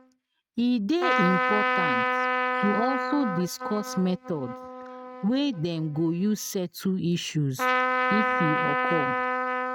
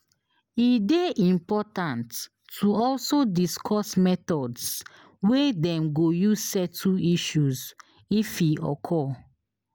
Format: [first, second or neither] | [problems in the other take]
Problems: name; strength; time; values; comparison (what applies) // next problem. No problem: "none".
second | noise reduction (neural mask model RNNoise)